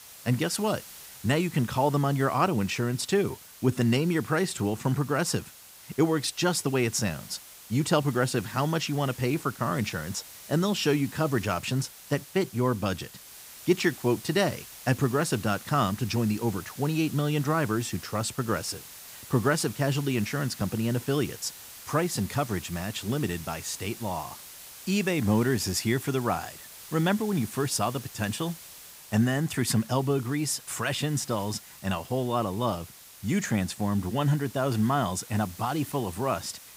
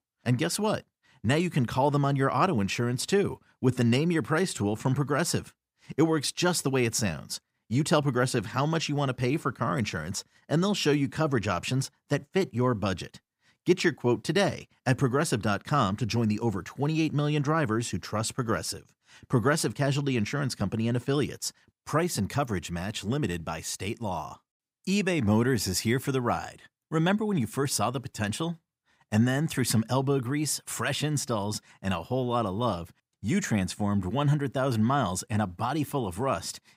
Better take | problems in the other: second | hiss; noticeable; throughout; 15 dB below the speech

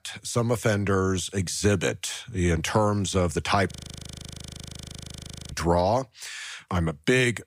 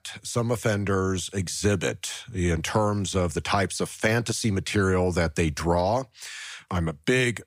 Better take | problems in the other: second | audio freezing; at 3.5 s for 2 s

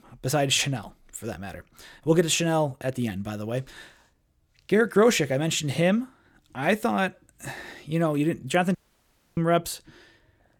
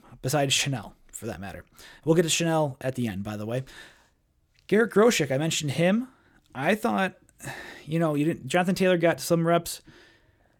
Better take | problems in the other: second | audio cutting out; at 9 s for 0.5 s

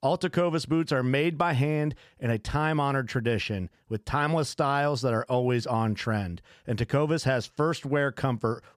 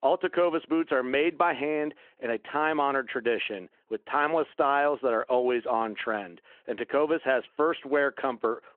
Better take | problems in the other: first | phone-call audio

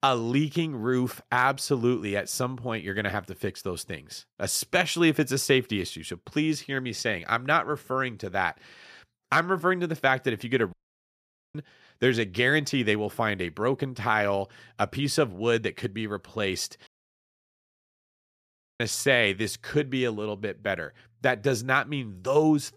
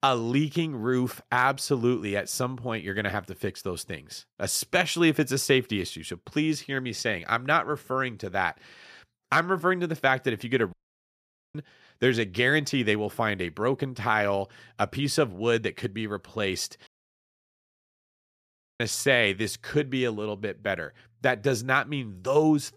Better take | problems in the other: neither | audio cutting out; at 11 s for 1 s and at 17 s for 2 s; the same in both

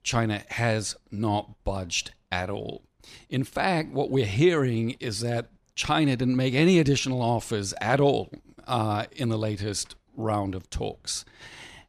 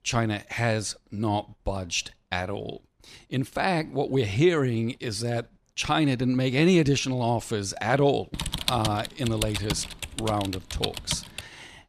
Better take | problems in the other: first | keyboard typing; noticeable; from 8.5 s on; peak 2 dB below the speech

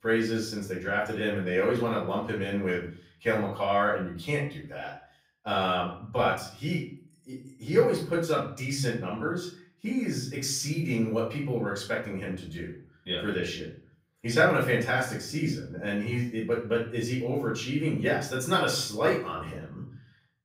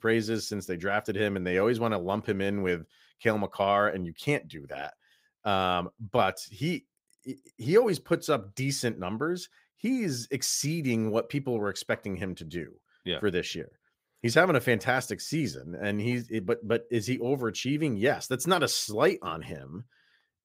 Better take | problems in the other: second | off-mic speech; far // room echo; slight; dies away in 0.4 s

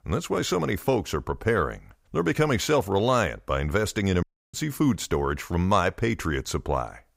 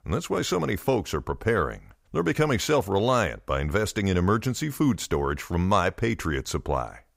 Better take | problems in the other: second | audio cutting out; at 4 s

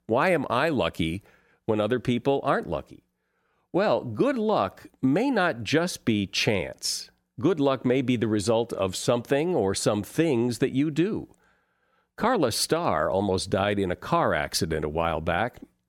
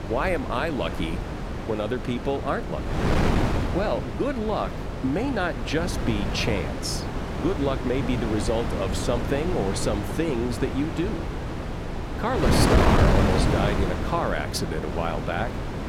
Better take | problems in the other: first | wind noise on the microphone; heavy; 2 dB below the speech

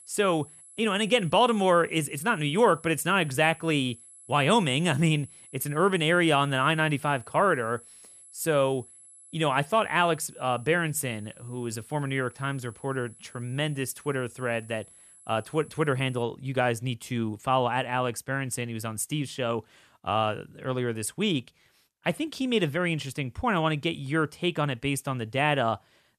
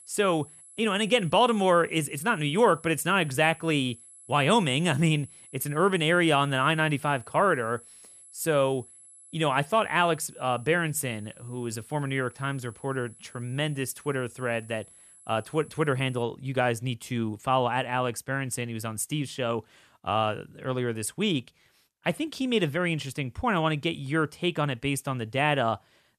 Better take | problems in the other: neither | high-pitched whine; faint; until 16 s; 11 kHz, 20 dB below the speech; the same in both

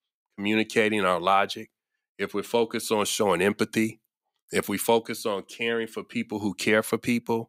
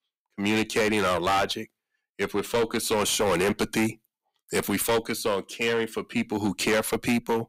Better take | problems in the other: first | distortion; heavy; 13% of the sound clipped

